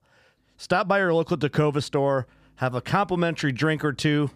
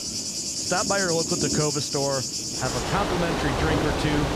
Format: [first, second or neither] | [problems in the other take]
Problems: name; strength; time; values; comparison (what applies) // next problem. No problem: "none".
first | rain or running water; very loud; throughout; 2 dB above the speech